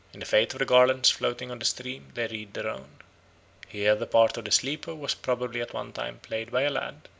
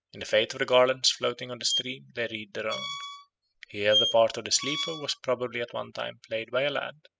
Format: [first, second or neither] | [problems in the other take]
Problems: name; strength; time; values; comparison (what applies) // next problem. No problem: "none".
first | noise reduction (classical method spectral subtraction)